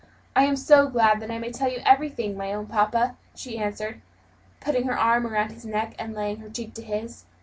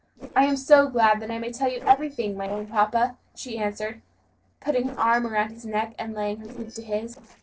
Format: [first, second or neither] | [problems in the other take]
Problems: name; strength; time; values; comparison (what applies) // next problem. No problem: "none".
first | noise reduction (neural separator model SepFormer DNS4)